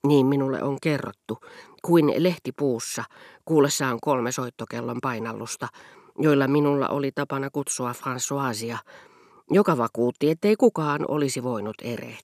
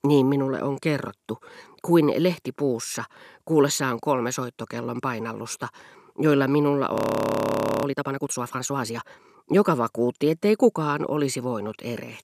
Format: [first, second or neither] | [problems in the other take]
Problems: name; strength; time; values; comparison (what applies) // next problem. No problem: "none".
first | audio freezing; at 7 s for 1 s